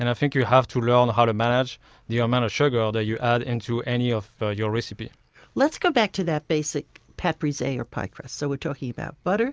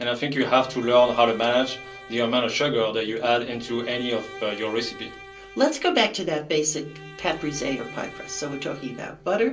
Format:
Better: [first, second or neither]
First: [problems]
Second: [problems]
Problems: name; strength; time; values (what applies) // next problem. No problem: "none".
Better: first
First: none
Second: background sound (Bowed string instrument); 17 dB below the speech // room echo; dies away in 0.3 s